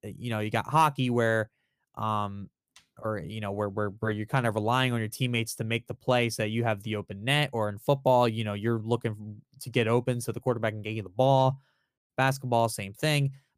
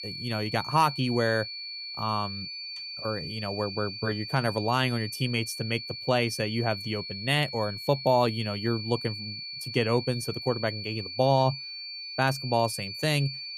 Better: first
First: none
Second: high-pitched whine; loud; throughout; 4.5 kHz, 7 dB below the speech

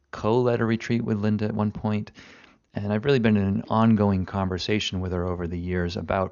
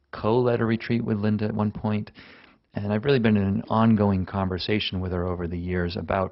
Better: first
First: garbled, watery; slightly; nothing above 6.5 kHz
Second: garbled, watery; badly; nothing above 5.5 kHz

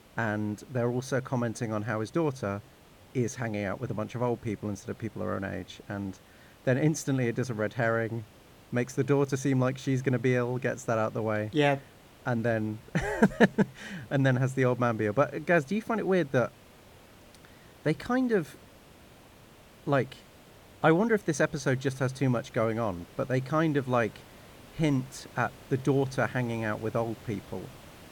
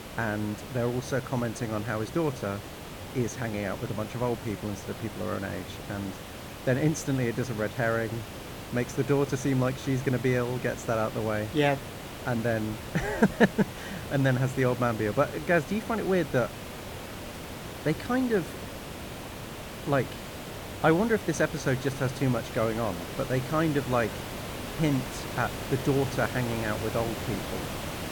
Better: first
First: hiss; faint; throughout; 25 dB below the speech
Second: hiss; loud; throughout; 9 dB below the speech

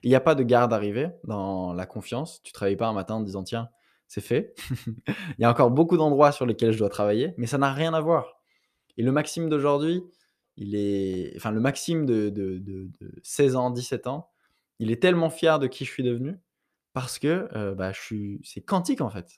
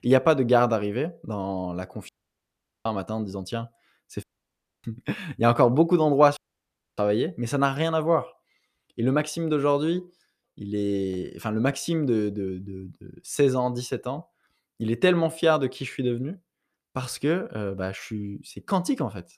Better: first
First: none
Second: audio cutting out; at 2 s for 1 s, at 4 s for 0.5 s and at 6.5 s for 0.5 s

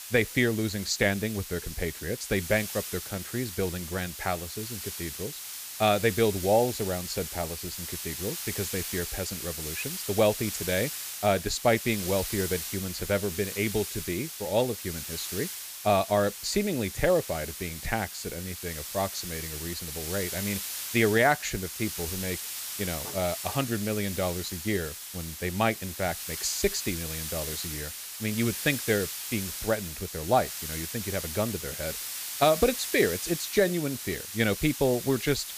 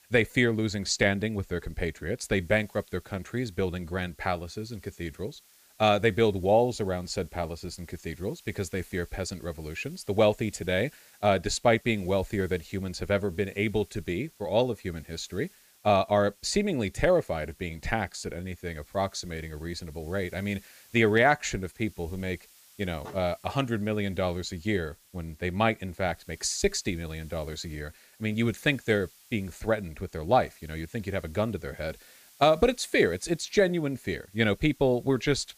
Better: second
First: hiss; loud; throughout; 6 dB below the speech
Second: hiss; faint; throughout; 25 dB below the speech

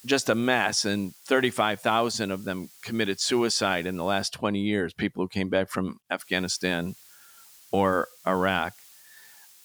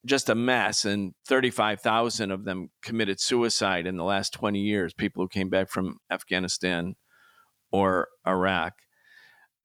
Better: second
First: hiss; faint; until 4 s and from 6 s on; 25 dB below the speech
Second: none

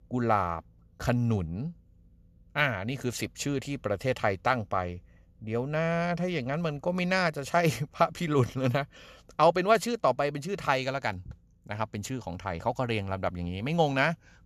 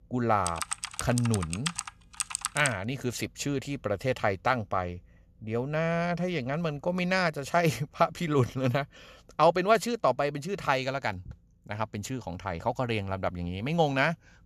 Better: first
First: none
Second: keyboard typing; noticeable; until 2.5 s; peak 2 dB below the speech

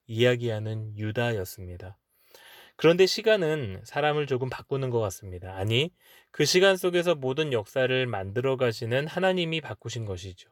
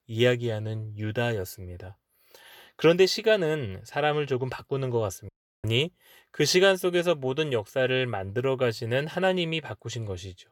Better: first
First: none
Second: audio cutting out; at 5.5 s

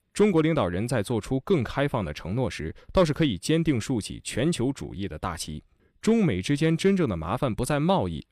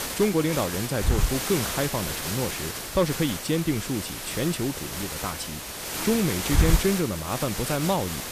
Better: first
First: none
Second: hiss; loud; throughout; 2 dB below the speech

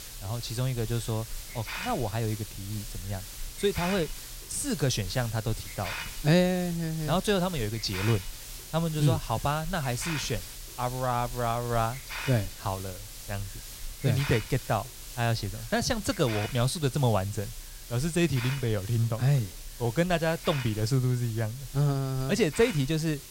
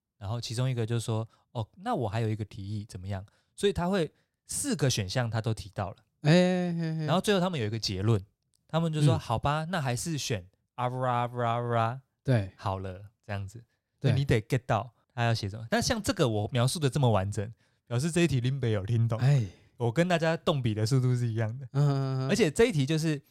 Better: second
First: hiss; noticeable; throughout; 10 dB below the speech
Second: none

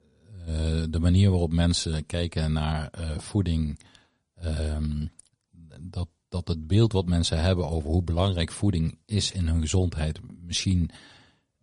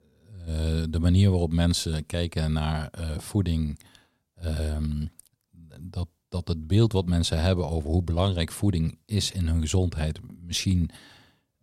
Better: second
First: garbled, watery; slightly; nothing above 10.5 kHz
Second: none

